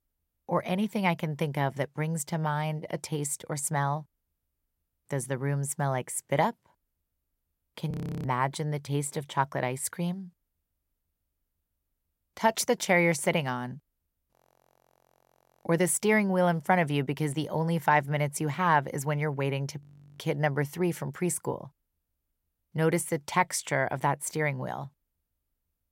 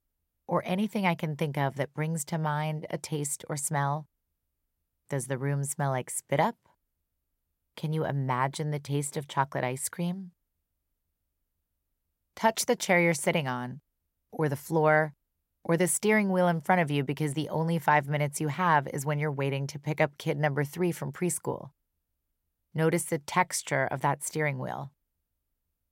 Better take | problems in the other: second | audio freezing; at 8 s, at 14 s for 1.5 s and at 20 s

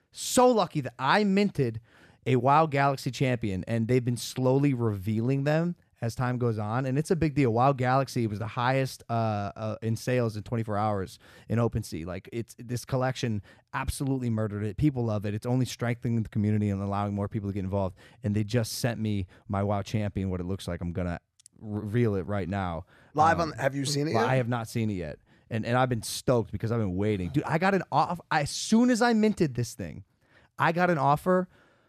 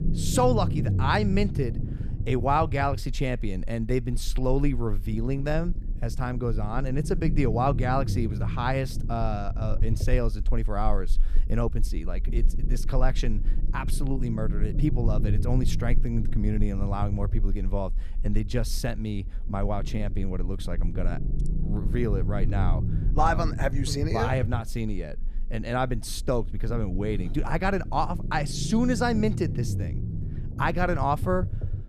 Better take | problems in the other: first | low rumble; noticeable; throughout; 15 dB below the speech

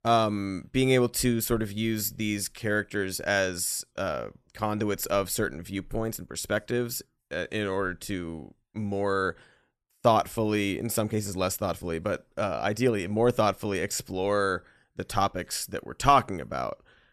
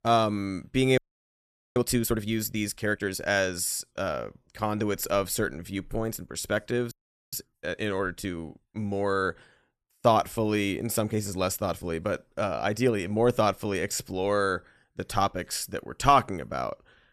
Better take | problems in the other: first | audio freezing; at 1 s for 1 s and at 7 s

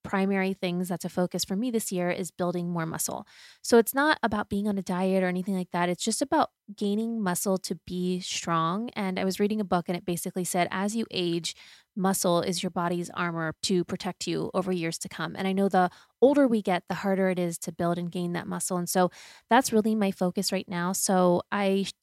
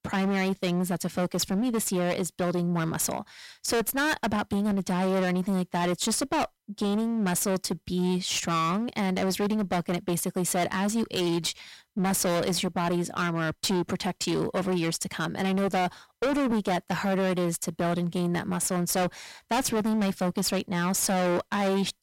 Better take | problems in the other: first | distortion; heavy; 25% of the sound clipped

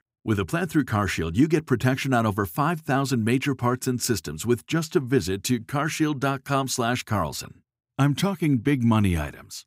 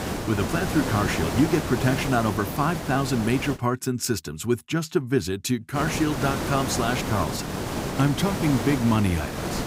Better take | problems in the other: first | hiss; loud; until 3.5 s and from 6 s on; 4 dB below the speech

